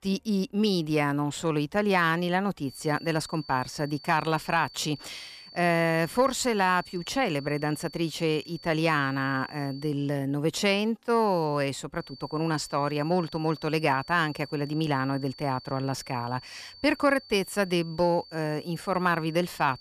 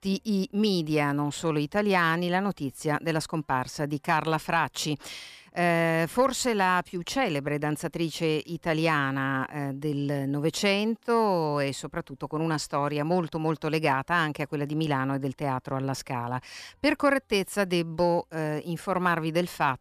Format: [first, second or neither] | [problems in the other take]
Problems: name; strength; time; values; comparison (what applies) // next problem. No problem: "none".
second | high-pitched whine; noticeable; from 2.5 to 10 s and from 12 s on; 4.5 kHz, 20 dB below the speech